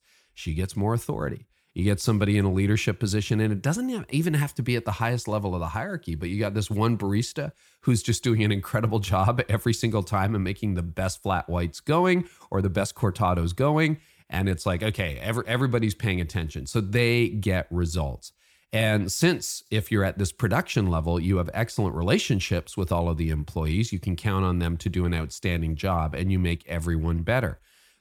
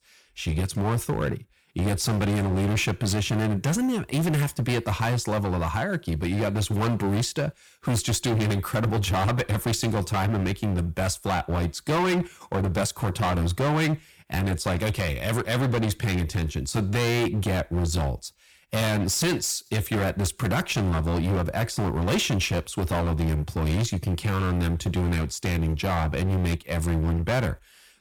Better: first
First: none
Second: distortion; heavy; 24% of the sound clipped

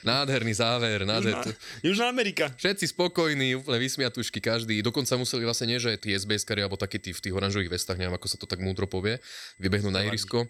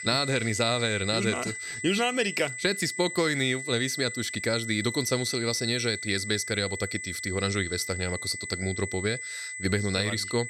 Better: first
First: high-pitched whine; faint; throughout; 2 kHz, 30 dB below the speech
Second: high-pitched whine; loud; throughout; 2 kHz, 7 dB below the speech

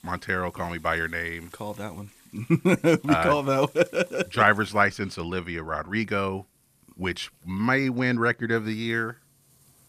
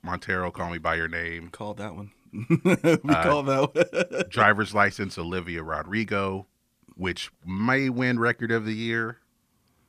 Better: second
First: household noises; faint; throughout; 30 dB below the speech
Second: none

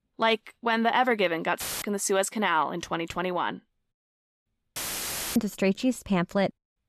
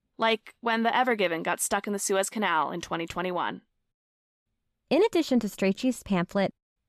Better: second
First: audio cutting out; filled with static; at 1.5 s and at 5 s for 0.5 s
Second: none

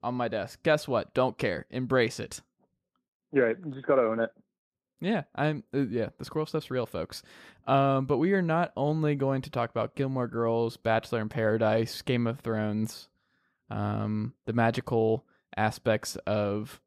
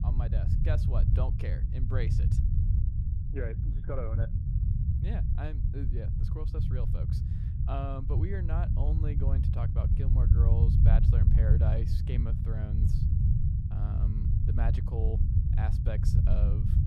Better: first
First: none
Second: low rumble; loud; throughout; as loud as the speech

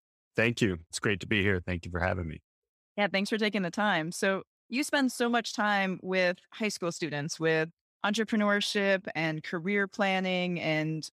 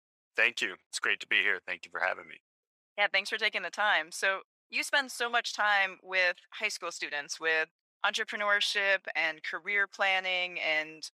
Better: first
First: none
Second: thin; very; fading below 750 Hz

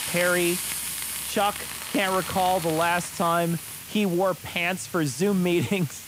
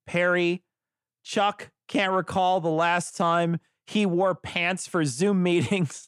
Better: second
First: hiss; loud; throughout; 7 dB below the speech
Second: none

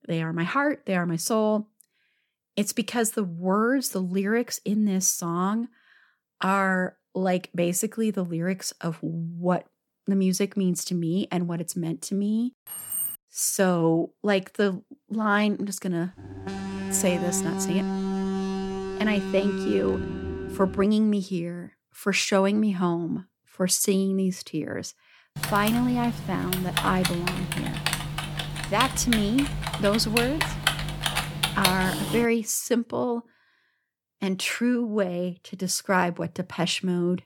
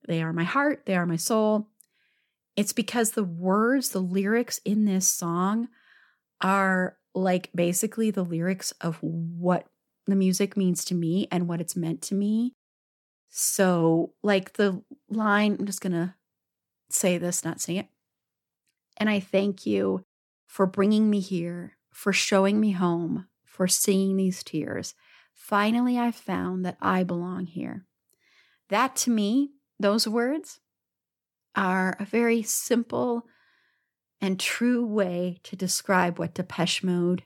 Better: second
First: jangling keys; noticeable; at 13 s; peak 2 dB below the speech // alarm; noticeable; from 16 to 21 s; peak 2 dB below the speech // keyboard typing; loud; from 25 to 32 s; peak 2 dB above the speech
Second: none

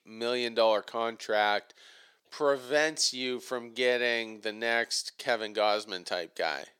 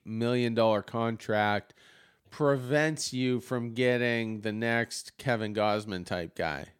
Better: second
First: thin; somewhat; fading below 500 Hz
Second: none

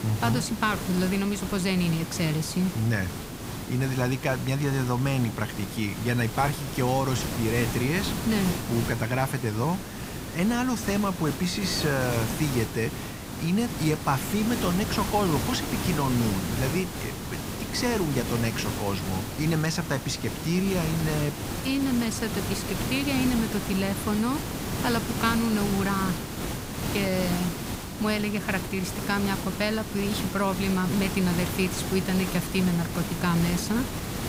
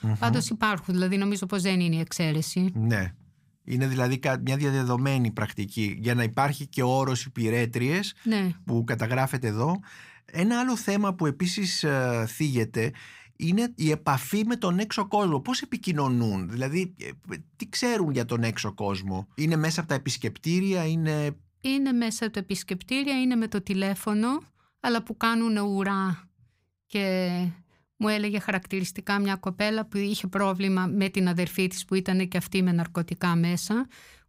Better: second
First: hiss; loud; throughout; 5 dB below the speech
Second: none

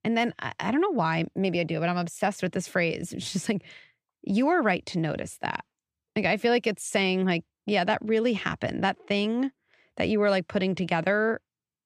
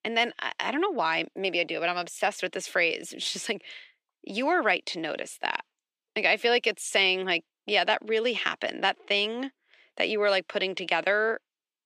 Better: first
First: none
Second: thin; somewhat; fading below 350 Hz

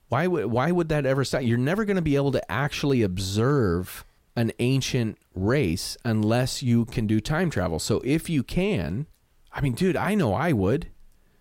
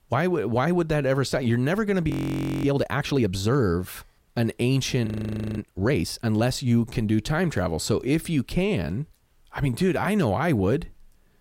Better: first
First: none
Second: audio freezing; at 2 s for 0.5 s and at 5 s for 0.5 s

